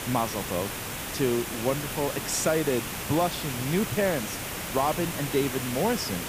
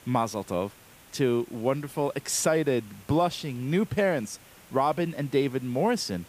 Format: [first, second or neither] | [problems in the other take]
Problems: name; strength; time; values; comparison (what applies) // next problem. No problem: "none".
second | hiss; loud; throughout; 4 dB below the speech; faint in the second